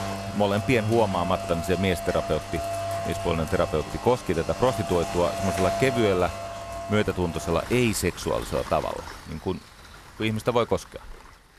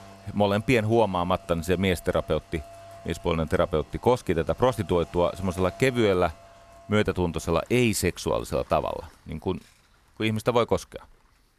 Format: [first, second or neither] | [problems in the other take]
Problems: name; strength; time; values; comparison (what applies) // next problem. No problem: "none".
second | rain or running water; loud; throughout; 7 dB below the speech; faint in the second